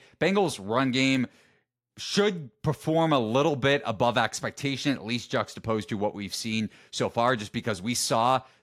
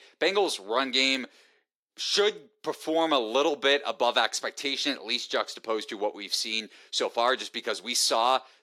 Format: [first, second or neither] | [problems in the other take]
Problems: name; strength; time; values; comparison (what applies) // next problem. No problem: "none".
first | thin; somewhat; fading below 350 Hz